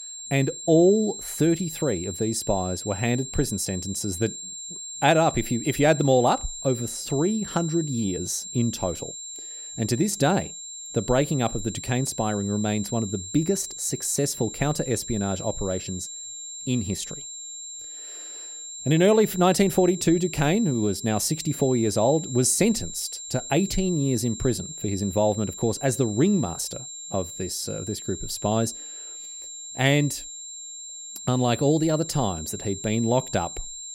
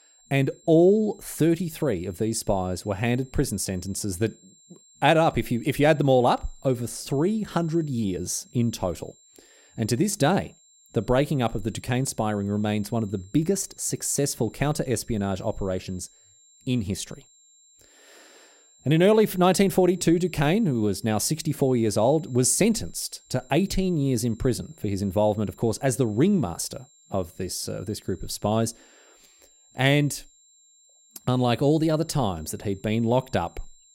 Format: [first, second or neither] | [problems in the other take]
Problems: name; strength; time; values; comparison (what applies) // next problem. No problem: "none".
second | high-pitched whine; loud; throughout; 7.5 kHz, 10 dB below the speech; faint in the second